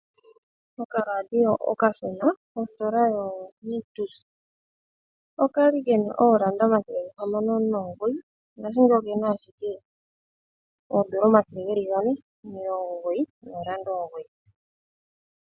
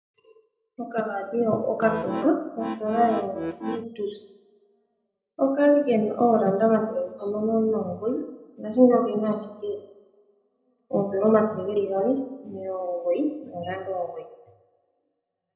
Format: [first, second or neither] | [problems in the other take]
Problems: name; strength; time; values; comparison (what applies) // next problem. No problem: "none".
first | background sound (Accordion); 7 dB below the speech // room echo; dies away in 0.7 s